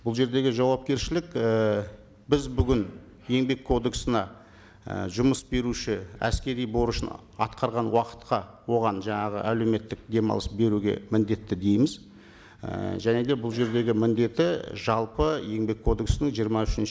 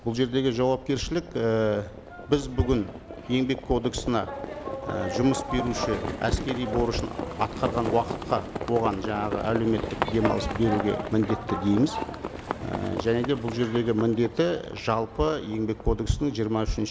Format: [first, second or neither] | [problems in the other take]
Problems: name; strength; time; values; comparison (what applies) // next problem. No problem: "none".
first | background sound (Livestock, farm animals, working animals); 8 dB below the speech